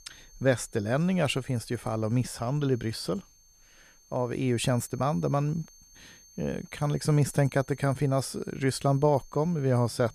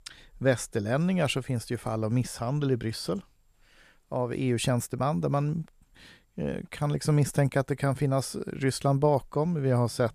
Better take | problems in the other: second | high-pitched whine; faint; throughout; 6.5 kHz, 25 dB below the speech

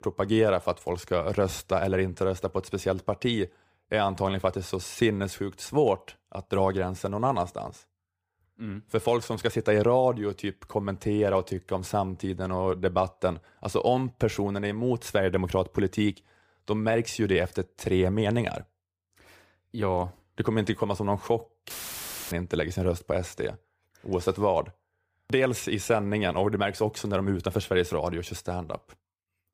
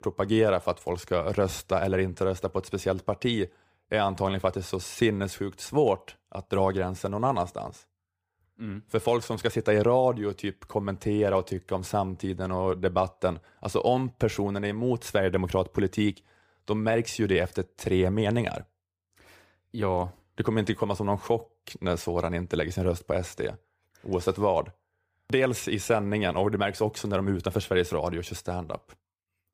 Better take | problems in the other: second | audio cutting out; filled with static; at 22 s for 0.5 s

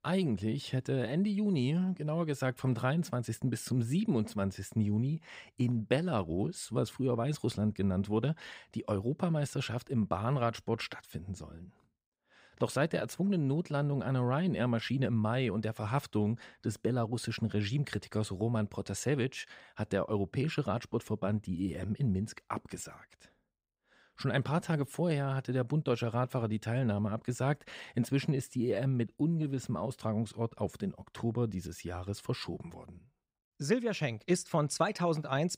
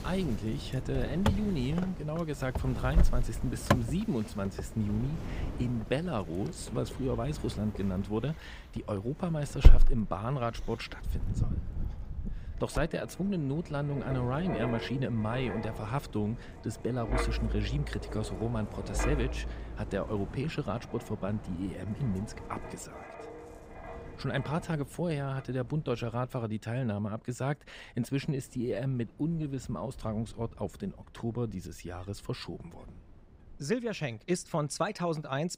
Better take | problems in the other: first | wind in the background; loud; throughout; 2 dB below the speech

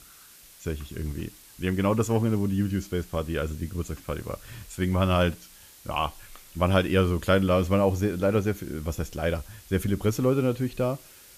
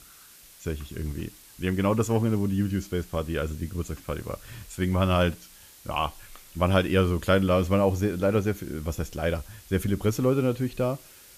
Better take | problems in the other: neither | hiss; faint; throughout; 20 dB below the speech; the same in both

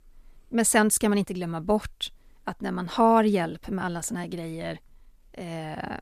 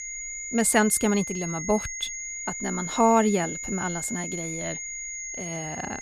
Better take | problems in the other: first | high-pitched whine; loud; throughout; 7 kHz, 6 dB below the speech

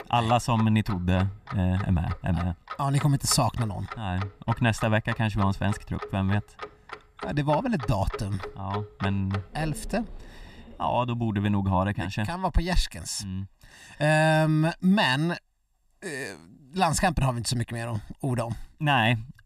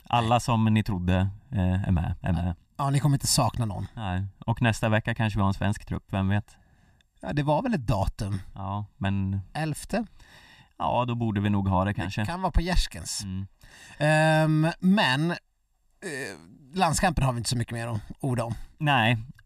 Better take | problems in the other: second | household noises; noticeable; until 11 s; 15 dB below the speech

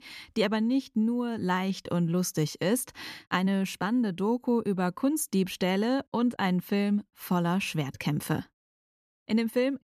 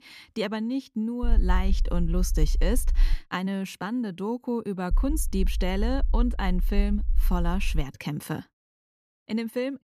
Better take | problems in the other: first | low rumble; faint; from 1 to 3 s and from 5 to 8 s; 20 dB below the speech

